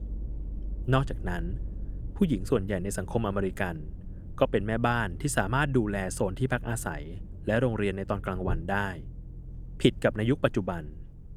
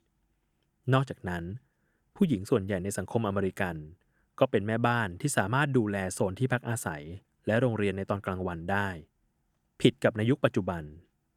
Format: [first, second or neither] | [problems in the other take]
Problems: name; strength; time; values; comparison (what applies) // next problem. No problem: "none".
second | low rumble; faint; throughout; 25 dB below the speech